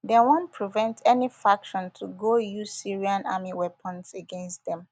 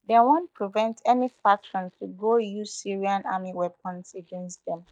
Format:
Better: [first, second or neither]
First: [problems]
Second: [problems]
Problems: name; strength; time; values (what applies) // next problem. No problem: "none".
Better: first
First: none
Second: noise reduction (neural mask model DeepFilterNet 3)